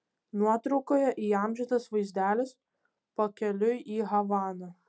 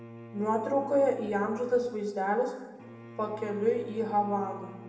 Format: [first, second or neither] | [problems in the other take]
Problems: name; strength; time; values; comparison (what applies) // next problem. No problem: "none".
first | background sound (Bowed string instrument); 17 dB below the speech // room echo; dies away in 1.1 s